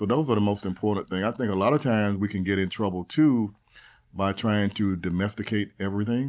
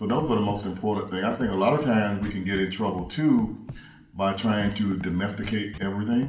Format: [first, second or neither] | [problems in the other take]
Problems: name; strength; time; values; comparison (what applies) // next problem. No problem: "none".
first | background sound (Scratching (performance technique)); 17 dB below the speech // room echo; dies away in 0.8 s